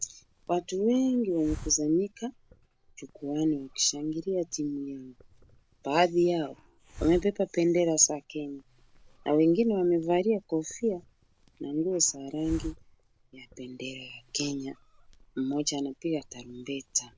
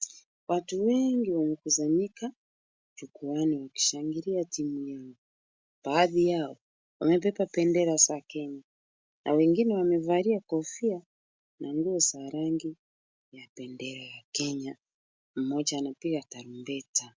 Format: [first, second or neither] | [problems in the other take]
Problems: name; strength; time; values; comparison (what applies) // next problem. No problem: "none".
second | background sound (Hiss); 19 dB below the speech